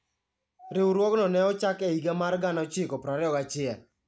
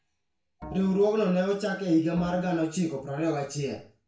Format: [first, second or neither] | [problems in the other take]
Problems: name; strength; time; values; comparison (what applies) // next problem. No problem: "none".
first | background sound (Bowed string instrument); 20 dB below the speech // room echo; dies away in 0.4 s